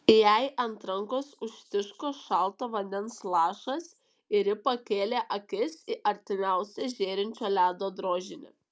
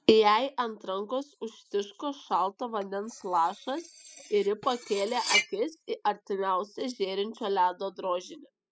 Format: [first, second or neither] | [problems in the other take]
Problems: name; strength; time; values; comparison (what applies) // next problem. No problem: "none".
first | noise reduction (classical method spectral subtraction)